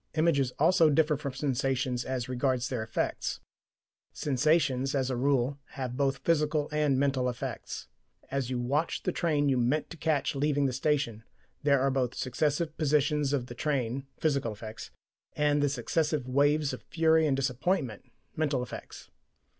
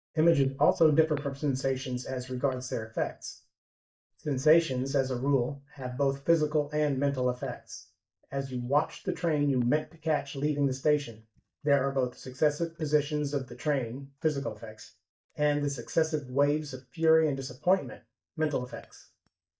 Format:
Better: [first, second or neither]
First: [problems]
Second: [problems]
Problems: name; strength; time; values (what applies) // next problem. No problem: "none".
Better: first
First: none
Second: noise reduction (neural mask model DeepFilterNet 3)